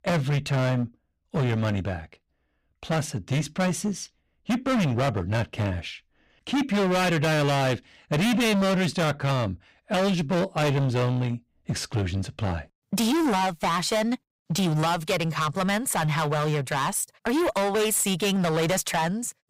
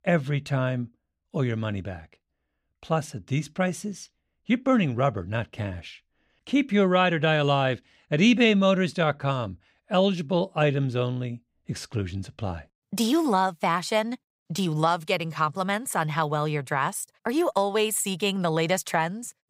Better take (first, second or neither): second